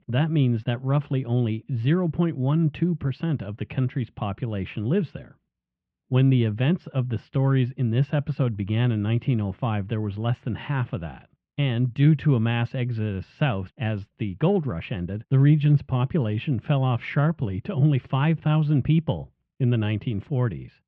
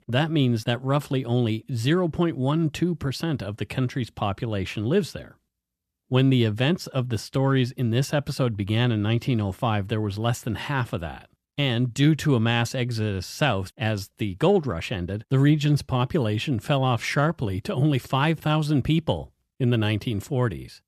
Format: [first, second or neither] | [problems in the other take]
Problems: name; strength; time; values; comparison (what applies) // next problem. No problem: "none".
second | muffled; very; fading above 3 kHz